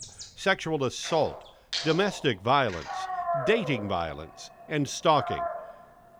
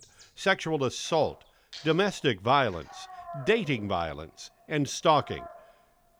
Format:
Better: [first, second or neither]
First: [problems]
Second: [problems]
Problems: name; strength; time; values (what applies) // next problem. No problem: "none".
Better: second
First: animal sounds; loud; throughout; 8 dB below the speech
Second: animal sounds; faint; throughout; 20 dB below the speech